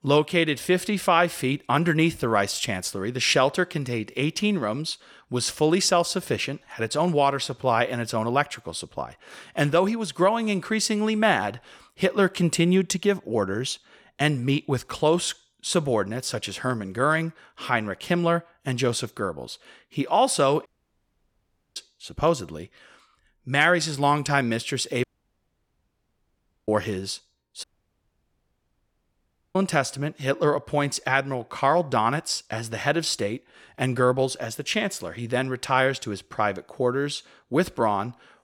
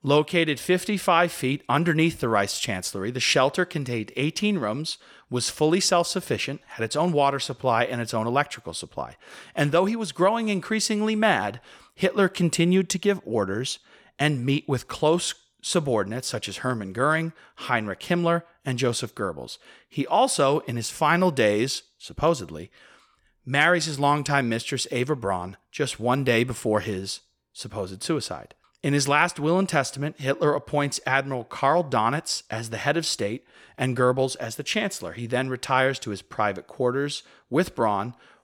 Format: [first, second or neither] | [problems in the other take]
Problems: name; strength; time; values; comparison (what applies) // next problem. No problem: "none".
second | audio cutting out; at 21 s for 1 s, at 25 s for 1.5 s and at 28 s for 2 s